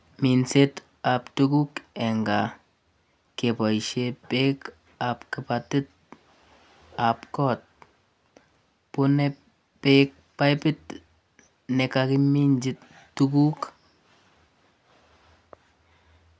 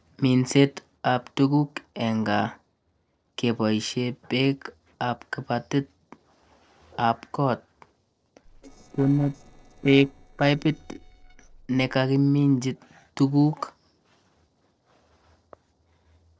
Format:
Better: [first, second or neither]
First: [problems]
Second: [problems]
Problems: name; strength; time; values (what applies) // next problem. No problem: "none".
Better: first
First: none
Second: noise reduction (neural separator model SepFormer DNS4)